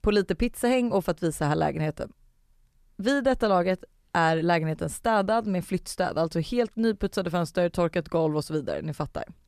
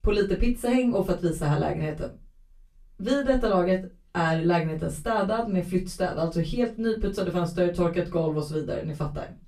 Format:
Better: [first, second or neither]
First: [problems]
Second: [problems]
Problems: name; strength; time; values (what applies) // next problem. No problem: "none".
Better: first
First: none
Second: off-mic speech; far // room echo; very slight; dies away in 0.2 s